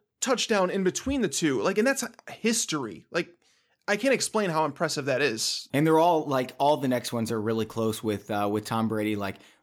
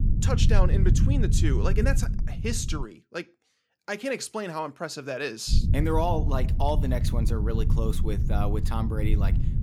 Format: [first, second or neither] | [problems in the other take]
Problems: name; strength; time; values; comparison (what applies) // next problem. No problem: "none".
first | low rumble; loud; until 3 s and from 5.5 s on; 9 dB below the speech